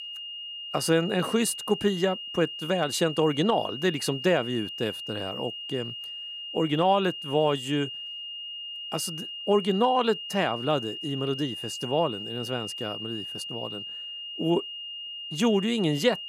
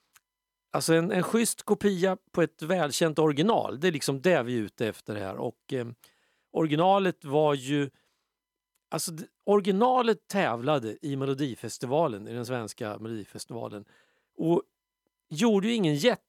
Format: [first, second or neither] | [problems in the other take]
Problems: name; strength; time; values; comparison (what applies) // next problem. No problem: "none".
second | high-pitched whine; loud; throughout; 3 kHz, 8 dB below the speech